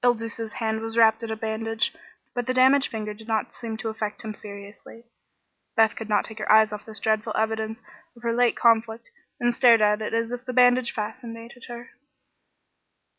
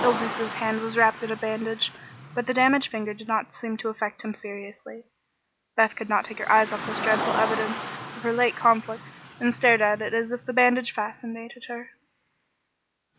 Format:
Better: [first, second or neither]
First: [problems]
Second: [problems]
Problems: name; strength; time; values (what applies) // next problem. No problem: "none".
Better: first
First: none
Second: background sound (Car); 11 dB below the speech